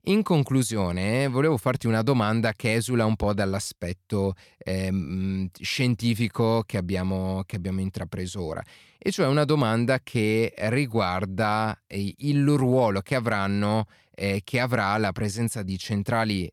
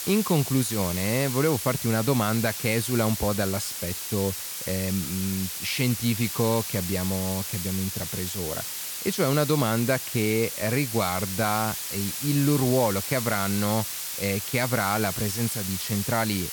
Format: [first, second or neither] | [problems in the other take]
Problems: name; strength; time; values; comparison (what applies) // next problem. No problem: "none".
first | hiss; loud; throughout; 4 dB below the speech